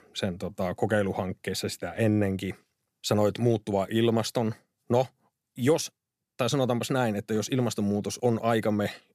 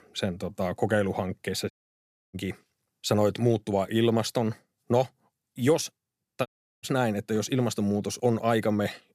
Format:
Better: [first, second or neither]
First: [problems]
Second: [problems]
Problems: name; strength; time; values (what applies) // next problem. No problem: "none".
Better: first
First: none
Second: audio cutting out; at 1.5 s for 0.5 s and at 6.5 s